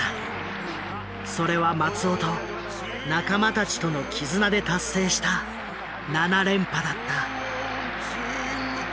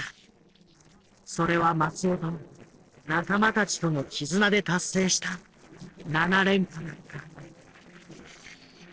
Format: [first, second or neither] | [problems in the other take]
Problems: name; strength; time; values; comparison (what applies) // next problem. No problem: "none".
first | noise reduction (neural separator model SepFormer DNS4)